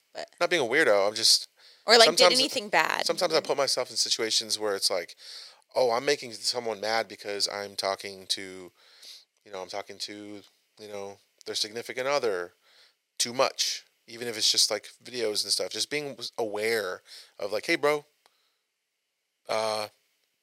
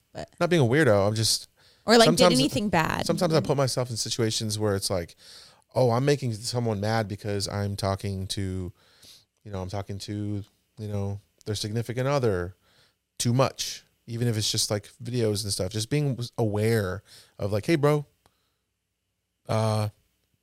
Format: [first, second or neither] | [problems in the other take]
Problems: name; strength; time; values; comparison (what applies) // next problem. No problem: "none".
second | thin; very; fading below 500 Hz